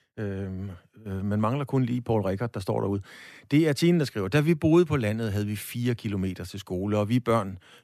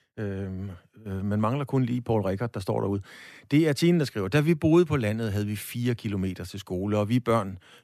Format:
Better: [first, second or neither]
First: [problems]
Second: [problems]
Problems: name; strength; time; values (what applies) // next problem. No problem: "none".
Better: neither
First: none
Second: none